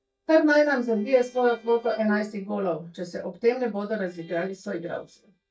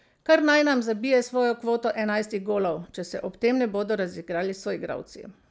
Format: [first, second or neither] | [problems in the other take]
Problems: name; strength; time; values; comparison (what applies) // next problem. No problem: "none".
second | noise reduction (neural mask model DeepFilterNet 3)